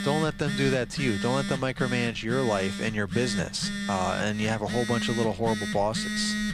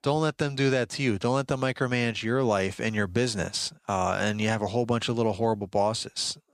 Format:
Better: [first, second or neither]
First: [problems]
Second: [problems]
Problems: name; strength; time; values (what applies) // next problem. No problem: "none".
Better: second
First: alarms or sirens; loud; throughout; 4 dB below the speech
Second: none